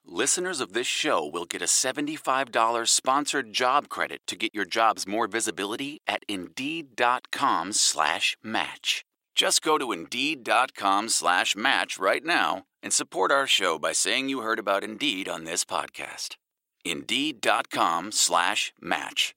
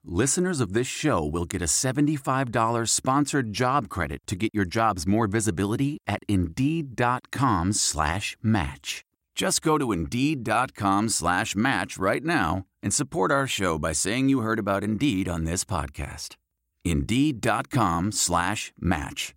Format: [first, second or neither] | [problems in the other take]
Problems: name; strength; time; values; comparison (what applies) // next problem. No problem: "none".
second | thin; somewhat; fading below 500 Hz